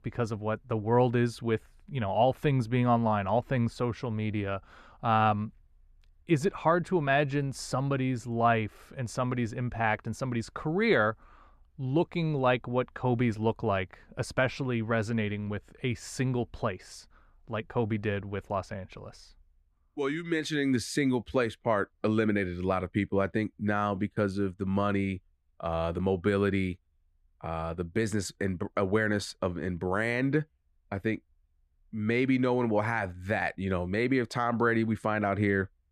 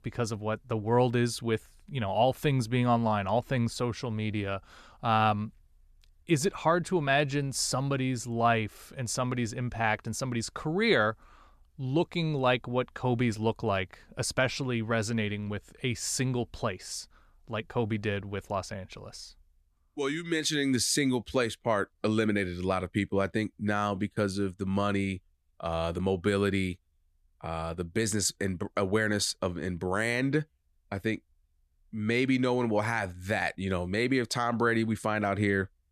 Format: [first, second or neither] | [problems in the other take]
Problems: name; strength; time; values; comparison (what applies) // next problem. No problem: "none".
second | muffled; slightly; fading above 3.5 kHz